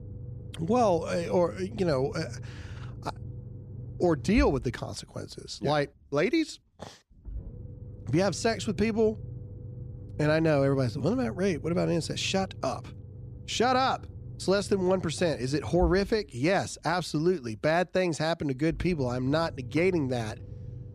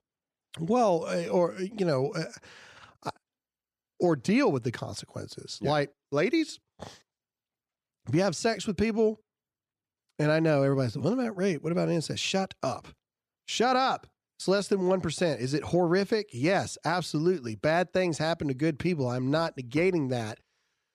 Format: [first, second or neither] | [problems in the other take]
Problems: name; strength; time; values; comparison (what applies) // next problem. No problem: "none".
second | low rumble; faint; throughout; 25 dB below the speech